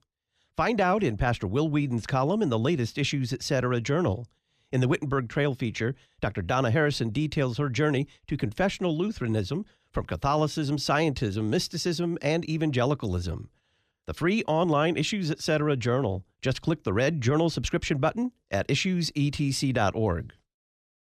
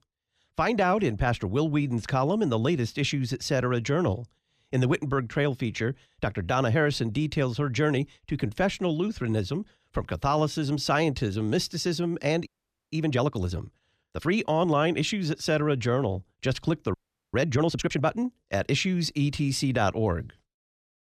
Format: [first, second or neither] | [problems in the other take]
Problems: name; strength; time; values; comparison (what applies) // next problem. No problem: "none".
first | audio freezing; at 12 s and at 17 s